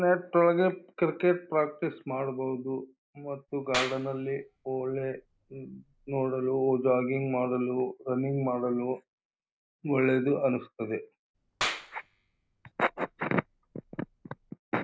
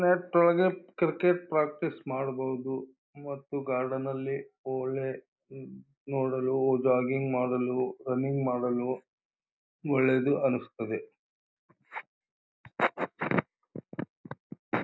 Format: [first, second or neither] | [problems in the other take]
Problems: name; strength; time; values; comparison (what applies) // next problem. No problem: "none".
second | background sound (Clapping); 11 dB below the speech